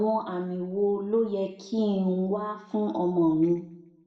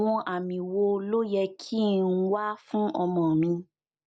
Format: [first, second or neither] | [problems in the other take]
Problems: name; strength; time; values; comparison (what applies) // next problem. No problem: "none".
second | room echo; dies away in 0.7 s